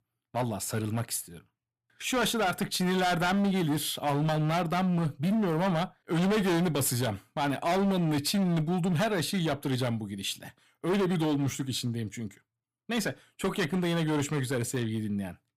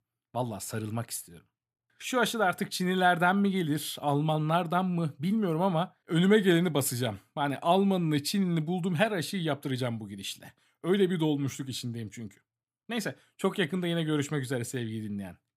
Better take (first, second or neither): second